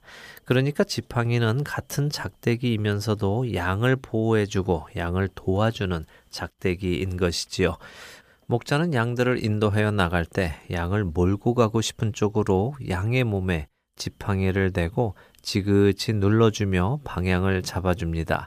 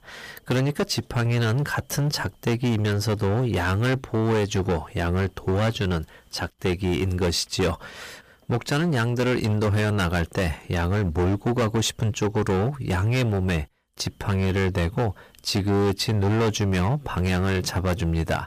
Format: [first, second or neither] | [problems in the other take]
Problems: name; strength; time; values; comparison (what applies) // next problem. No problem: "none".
first | distortion; heavy; 18% of the sound clipped